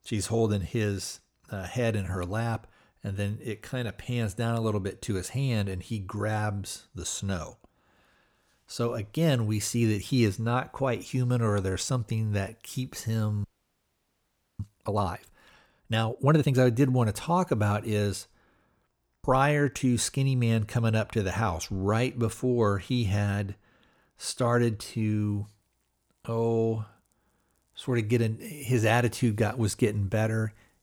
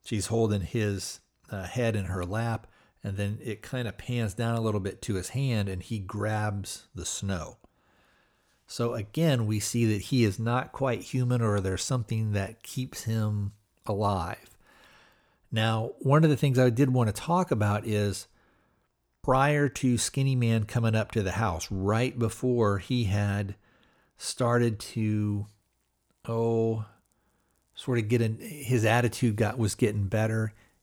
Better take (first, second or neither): second